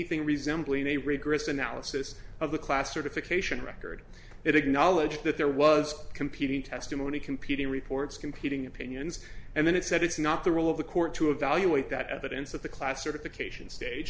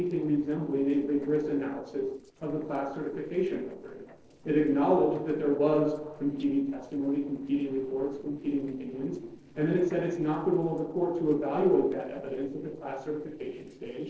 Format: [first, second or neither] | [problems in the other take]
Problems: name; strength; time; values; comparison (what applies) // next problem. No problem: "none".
first | noise reduction (neural separator model SepFormer DNS4)